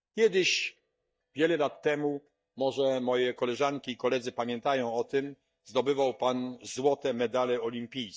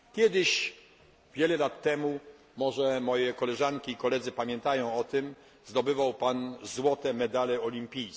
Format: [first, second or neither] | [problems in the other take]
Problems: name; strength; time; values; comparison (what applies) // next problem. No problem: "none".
second | noise reduction (neural mask model DeepFilterNet 3)